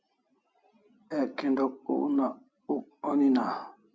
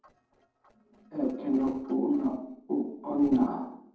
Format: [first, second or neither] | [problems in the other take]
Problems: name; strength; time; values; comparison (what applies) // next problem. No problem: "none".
first | noise reduction (neural separator model SepFormer DNS4)